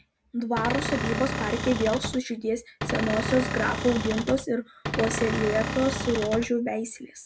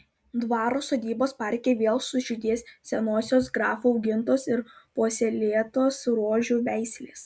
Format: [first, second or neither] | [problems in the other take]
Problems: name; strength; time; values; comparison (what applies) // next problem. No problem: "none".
second | background sound (Cupboard open or close / Door); 3 dB below the speech